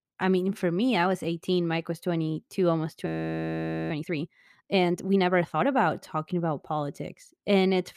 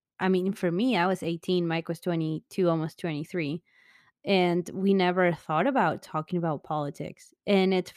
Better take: second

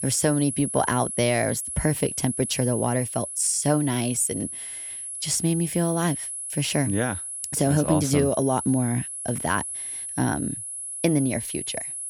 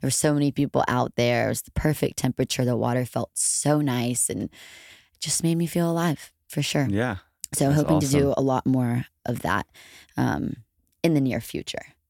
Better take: second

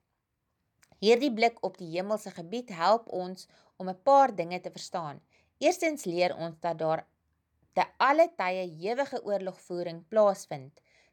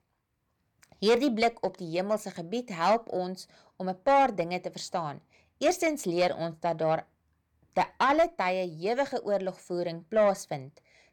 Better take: first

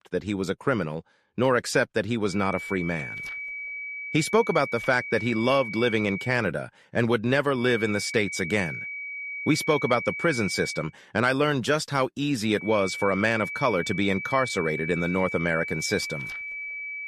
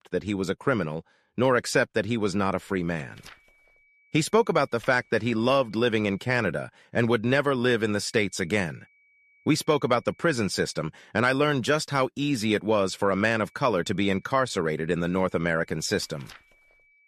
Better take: second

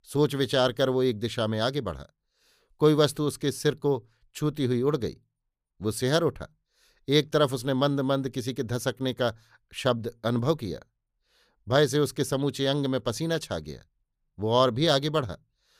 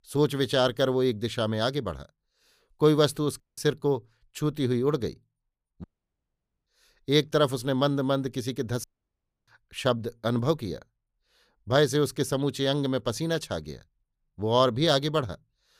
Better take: first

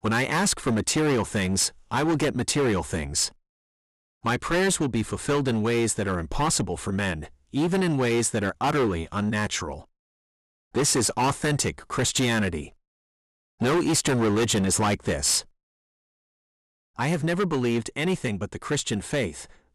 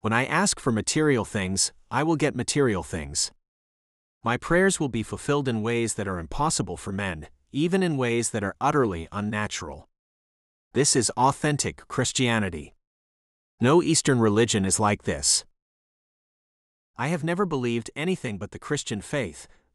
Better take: second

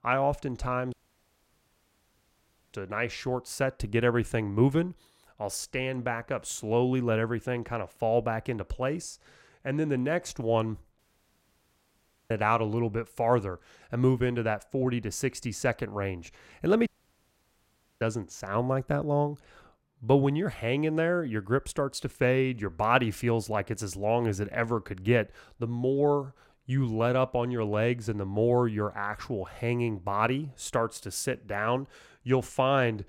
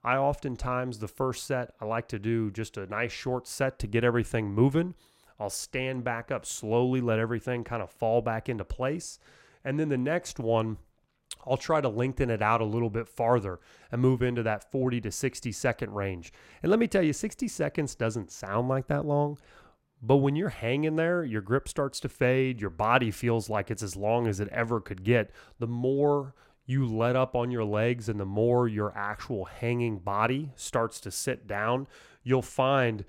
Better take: second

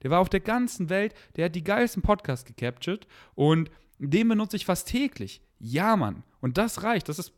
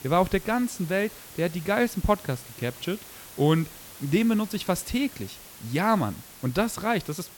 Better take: first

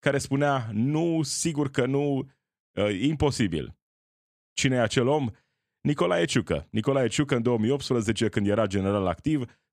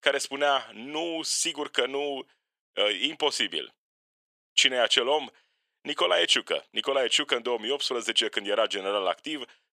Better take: first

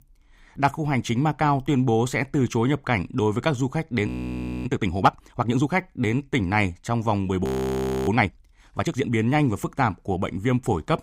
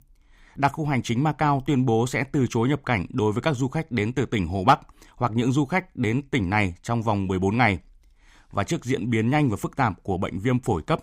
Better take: second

